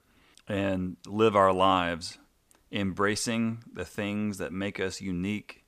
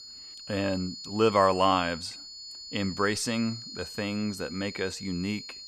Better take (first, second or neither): first